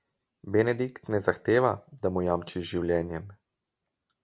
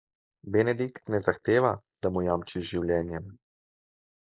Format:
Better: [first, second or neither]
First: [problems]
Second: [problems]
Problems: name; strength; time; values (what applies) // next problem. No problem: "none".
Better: first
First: none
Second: noise reduction (neural mask model Resemble Enhance denoiser)